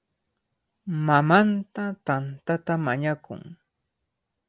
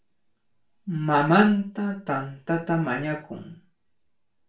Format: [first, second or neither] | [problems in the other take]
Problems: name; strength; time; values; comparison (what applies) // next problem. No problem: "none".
first | room echo; dies away in 0.3 s